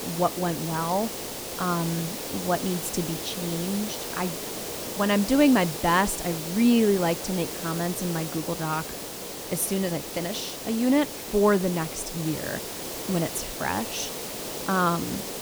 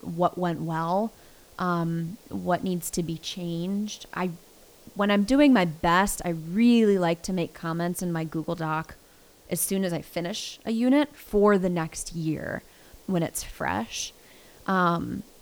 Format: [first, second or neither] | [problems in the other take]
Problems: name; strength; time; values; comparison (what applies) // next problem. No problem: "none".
second | hiss; loud; throughout; 6 dB below the speech; faint in the second